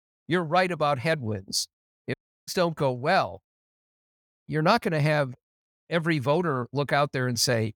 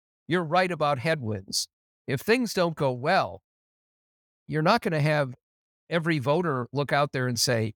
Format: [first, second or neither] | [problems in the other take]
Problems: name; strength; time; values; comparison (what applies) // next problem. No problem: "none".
second | audio cutting out; at 2 s